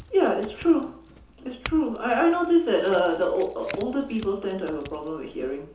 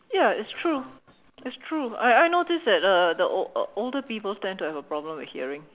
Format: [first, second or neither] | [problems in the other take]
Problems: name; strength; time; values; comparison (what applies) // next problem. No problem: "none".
second | background sound (Chink, clink / Domestic sounds, home sounds); 19 dB below the speech // room echo; dies away in 0.6 s